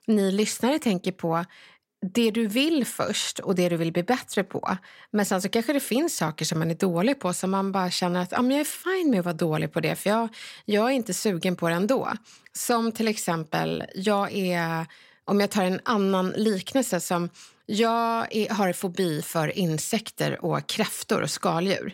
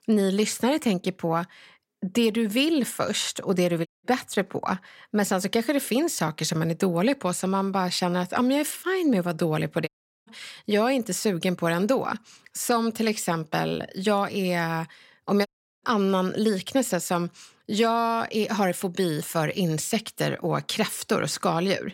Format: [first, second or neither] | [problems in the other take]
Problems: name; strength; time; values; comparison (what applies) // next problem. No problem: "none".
first | audio cutting out; at 4 s, at 10 s and at 15 s